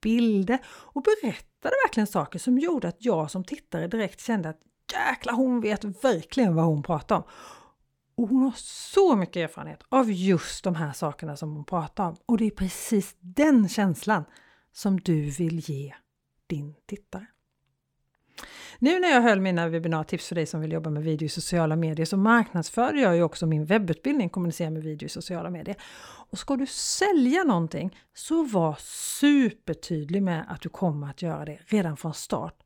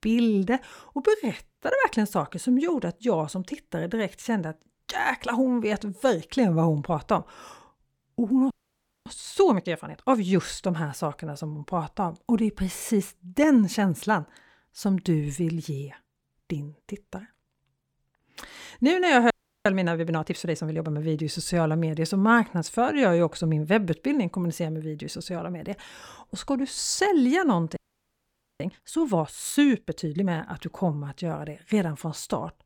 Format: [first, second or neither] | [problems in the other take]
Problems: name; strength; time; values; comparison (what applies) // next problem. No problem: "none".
first | audio freezing; at 8.5 s for 0.5 s, at 19 s and at 28 s for 1 s